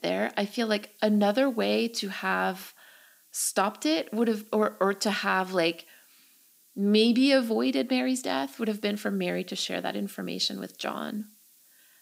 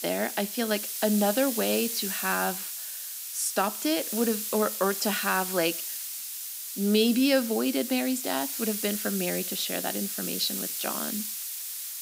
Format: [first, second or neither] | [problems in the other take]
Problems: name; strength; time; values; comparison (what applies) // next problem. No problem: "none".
first | hiss; loud; throughout; 3 dB below the speech; faint in the first